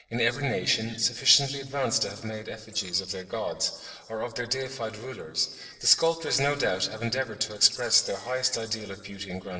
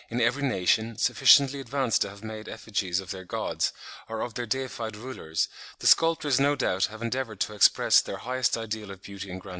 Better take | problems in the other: second | noise reduction (neural separator model SepFormer DNS4)

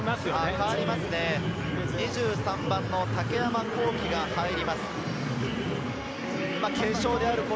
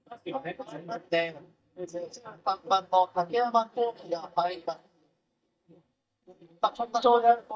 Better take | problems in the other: first | noise reduction (neural mask model DeepFilterNet 3)

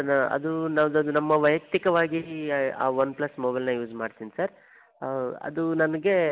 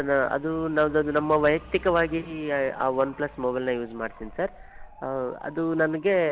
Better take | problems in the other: first | background sound (Motorcycle / Dog); 20 dB below the speech

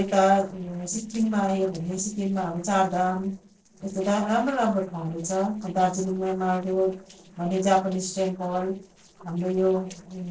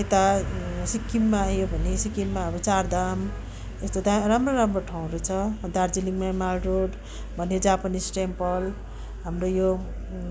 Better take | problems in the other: second | noise reduction (neural separator model SepFormer DNS4)

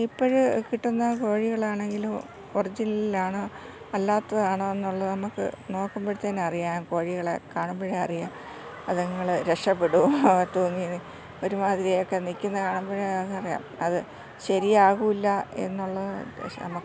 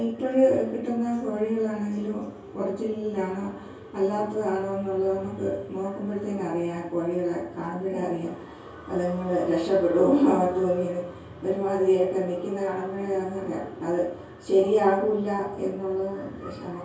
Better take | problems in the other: first | room echo; dies away in 0.6 s

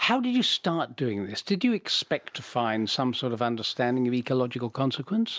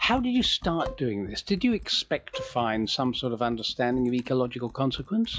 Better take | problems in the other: first | noise reduction (classical method log-MMSE)

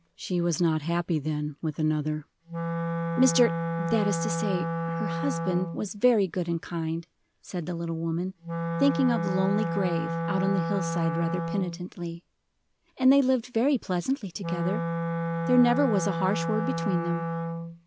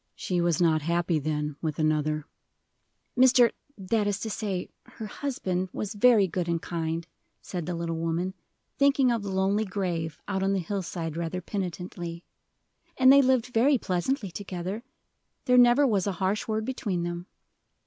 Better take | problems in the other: second | background sound (Wind instrument, woodwind instrument); 4 dB below the speech

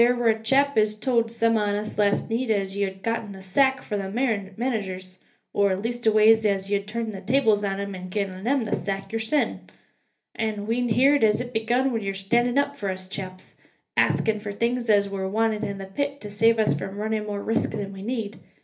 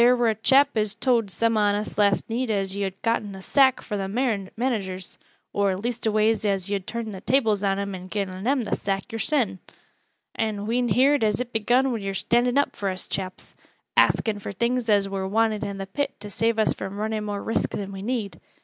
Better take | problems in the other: second | room echo; dies away in 0.3 s

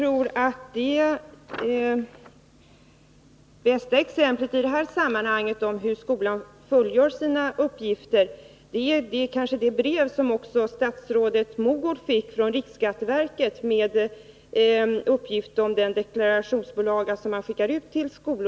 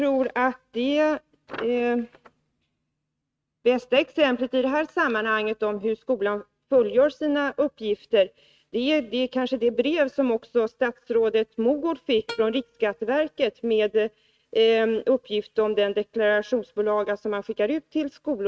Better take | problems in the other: first | noise reduction (neural mask model RNNoise)

